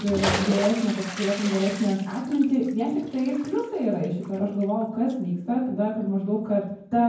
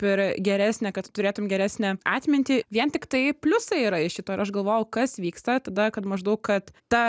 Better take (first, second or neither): second